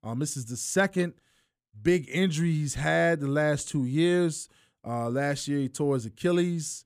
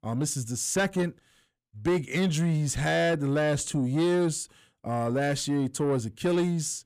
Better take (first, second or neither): first